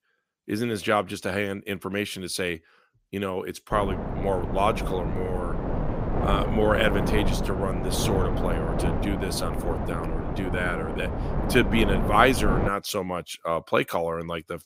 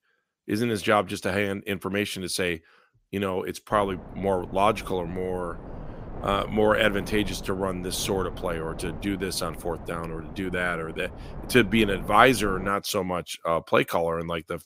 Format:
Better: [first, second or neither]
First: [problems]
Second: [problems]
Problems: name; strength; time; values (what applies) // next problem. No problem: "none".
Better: second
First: wind noise on the microphone; heavy; from 3.5 to 13 s; 5 dB below the speech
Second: wind noise on the microphone; occasional gusts; from 3.5 to 13 s; 20 dB below the speech